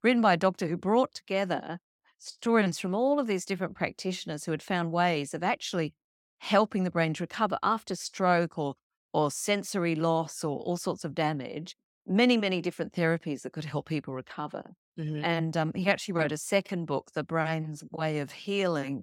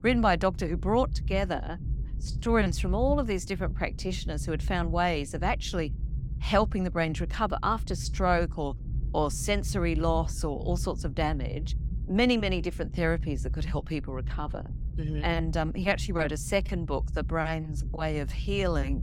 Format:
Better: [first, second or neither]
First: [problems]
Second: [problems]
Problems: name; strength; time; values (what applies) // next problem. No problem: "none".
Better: first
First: none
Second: low rumble; faint; throughout; 20 dB below the speech